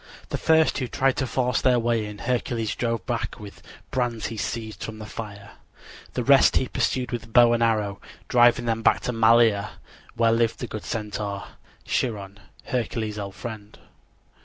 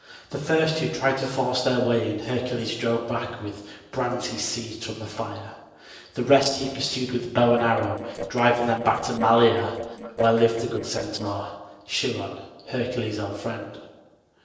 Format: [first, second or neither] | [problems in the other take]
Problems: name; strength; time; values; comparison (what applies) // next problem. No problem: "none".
first | noise reduction (neural separator model SepFormer DNS4)